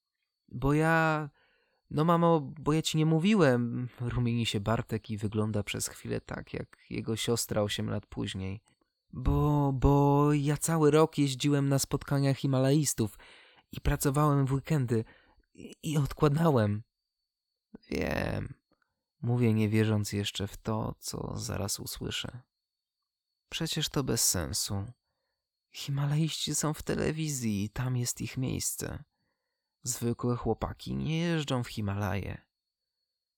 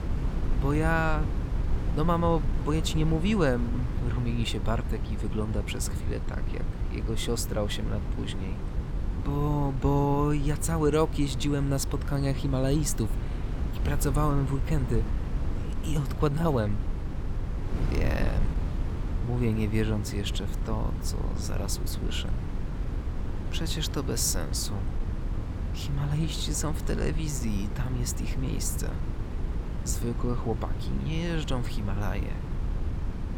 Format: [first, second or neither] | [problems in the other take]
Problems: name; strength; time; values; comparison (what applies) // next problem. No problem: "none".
first | wind noise on the microphone; occasional gusts; 10 dB below the speech